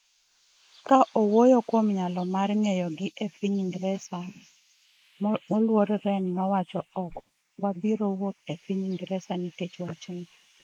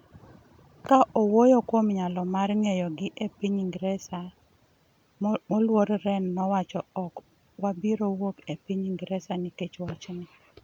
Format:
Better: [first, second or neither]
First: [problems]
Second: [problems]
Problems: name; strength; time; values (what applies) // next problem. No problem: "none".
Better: second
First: noise reduction (neural mask model Resemble Enhance denoiser)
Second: none